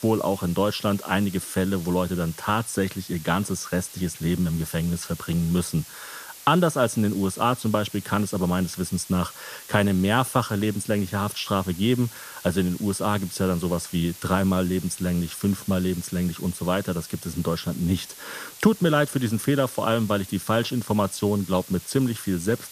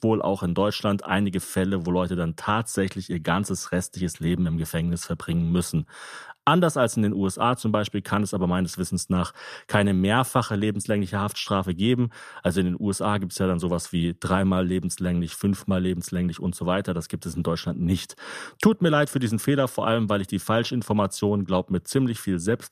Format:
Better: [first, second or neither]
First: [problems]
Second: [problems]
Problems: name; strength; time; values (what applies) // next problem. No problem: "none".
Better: second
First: hiss; noticeable; throughout; 15 dB below the speech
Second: none